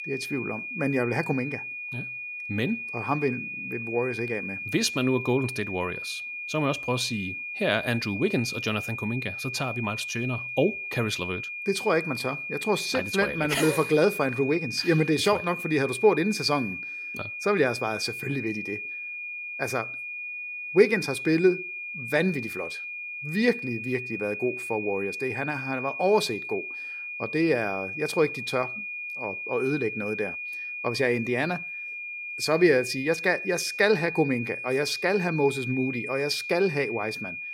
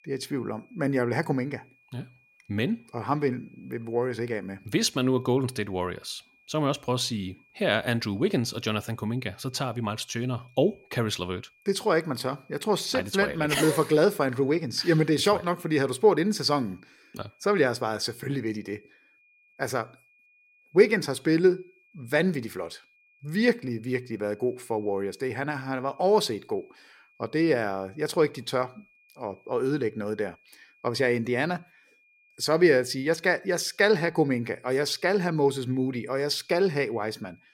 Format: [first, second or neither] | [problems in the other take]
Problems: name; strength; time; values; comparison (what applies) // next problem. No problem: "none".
second | high-pitched whine; loud; throughout; 2.5 kHz, 6 dB below the speech; faint in the second